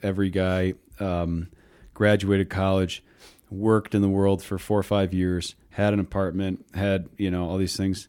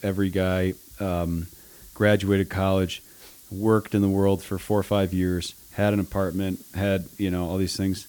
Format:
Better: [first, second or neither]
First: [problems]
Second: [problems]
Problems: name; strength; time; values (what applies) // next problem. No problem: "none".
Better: first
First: none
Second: hiss; faint; throughout; 20 dB below the speech